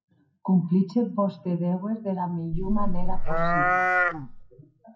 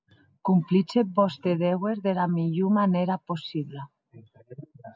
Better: second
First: noise reduction (classical method WPE with log-MMSE)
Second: none

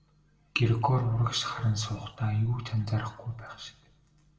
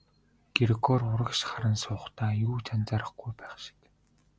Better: second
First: room echo; dies away in 0.6 s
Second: none

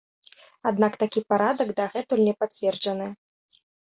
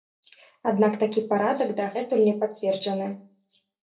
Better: first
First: none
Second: room echo; dies away in 0.3 s

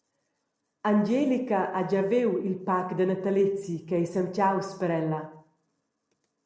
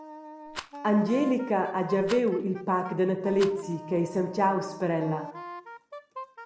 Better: first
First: none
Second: background sound (Rattle + Wind instrument, woodwind instrument); 15 dB below the speech

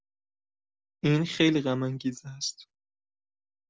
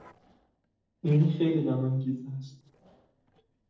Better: first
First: none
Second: noise reduction (neural separator model SepFormer DNS4)

